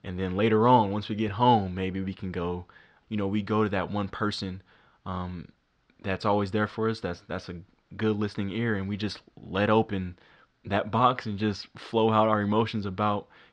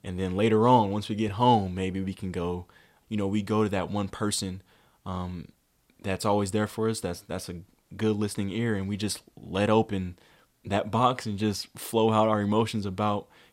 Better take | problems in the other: second | muffled; very slightly; fading above 5 kHz

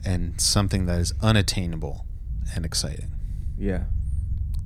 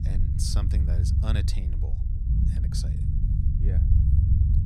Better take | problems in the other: first | low rumble; loud; throughout; 1 dB below the speech; faint in the first

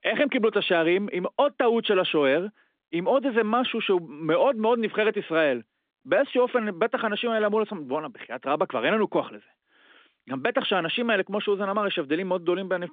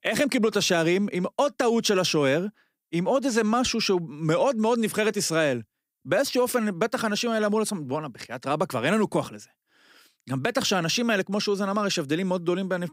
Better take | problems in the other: second | phone-call audio; nothing above 3.5 kHz

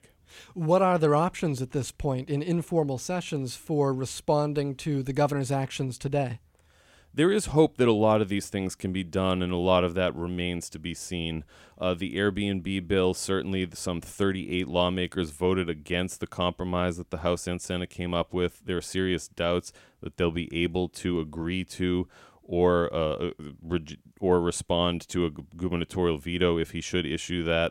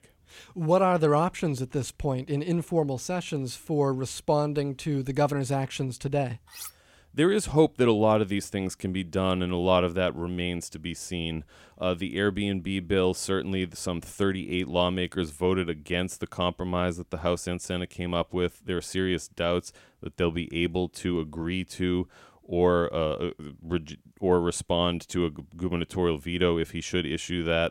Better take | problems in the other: first | clattering dishes; faint; at 6.5 s; peak 10 dB below the speech

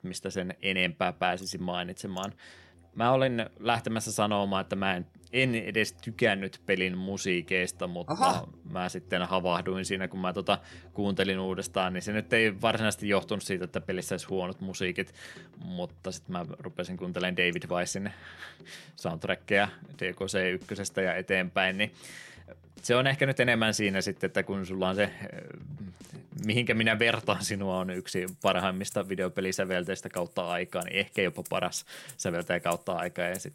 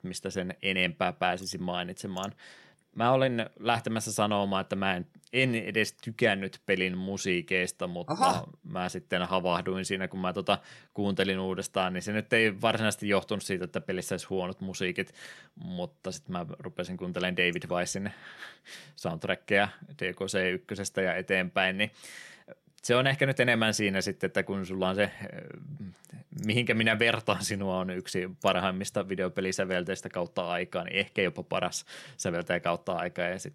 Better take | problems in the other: second | background music; faint; throughout; 25 dB below the speech

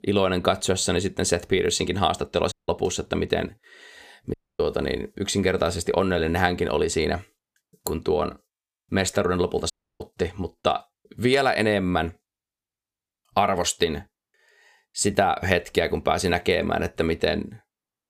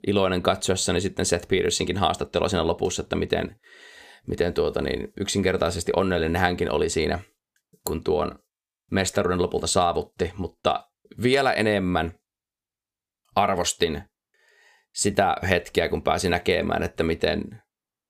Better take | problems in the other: second | audio cutting out; at 2.5 s, at 4.5 s and at 9.5 s

